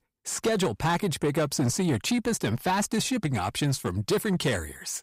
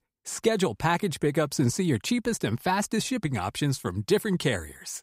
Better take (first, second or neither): second